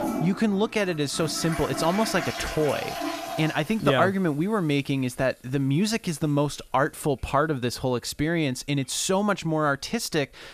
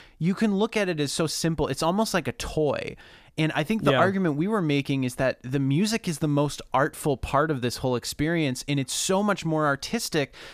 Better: second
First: household noises; loud; throughout; 8 dB below the speech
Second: none

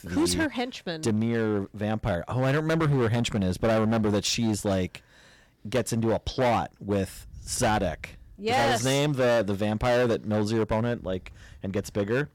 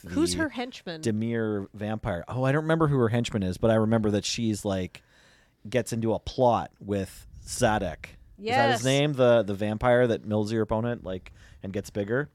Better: second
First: distortion; heavy; 13% of the sound clipped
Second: none

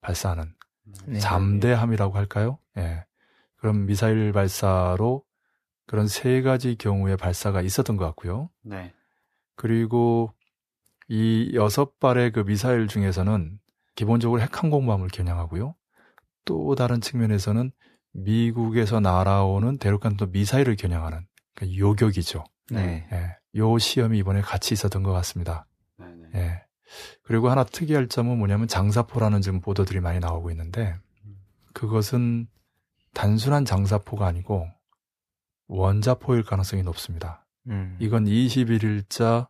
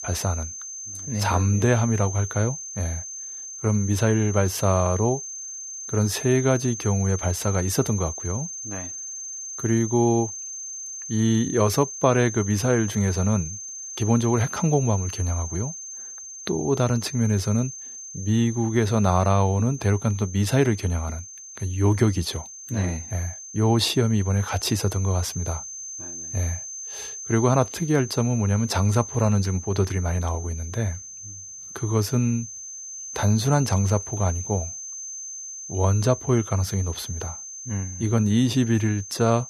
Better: first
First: none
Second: high-pitched whine; loud; throughout; 6.5 kHz, 10 dB below the speech

